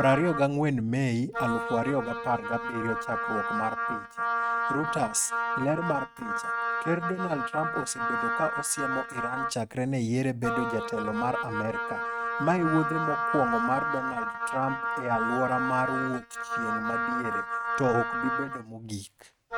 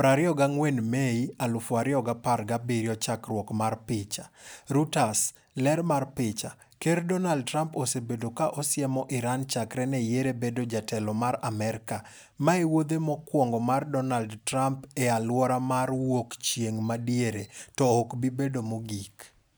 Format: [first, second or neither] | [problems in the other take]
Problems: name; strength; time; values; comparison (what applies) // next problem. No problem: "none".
second | noise reduction (neural mask model RNNoise)